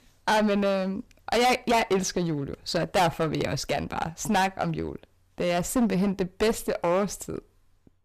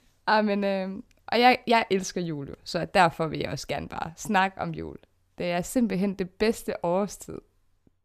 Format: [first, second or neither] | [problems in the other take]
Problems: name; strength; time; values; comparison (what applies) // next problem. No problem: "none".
second | distortion; heavy; 11% of the sound clipped